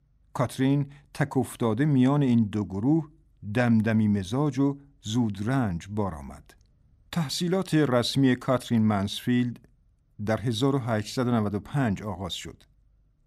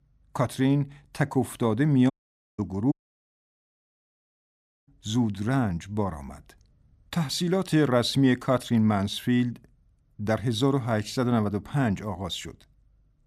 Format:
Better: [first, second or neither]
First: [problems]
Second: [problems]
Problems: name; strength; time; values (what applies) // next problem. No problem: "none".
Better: first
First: none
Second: audio cutting out; at 2 s and at 3 s for 2 s